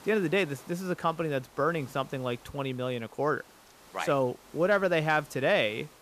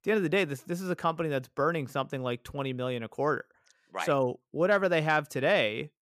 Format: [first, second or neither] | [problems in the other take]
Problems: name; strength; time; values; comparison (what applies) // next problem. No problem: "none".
second | hiss; faint; throughout; 25 dB below the speech